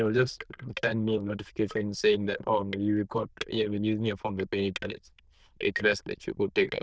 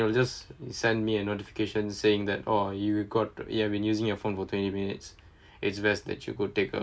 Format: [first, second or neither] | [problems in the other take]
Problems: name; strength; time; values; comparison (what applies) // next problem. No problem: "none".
second | noise reduction (neural diffusion model UNIVERSE++)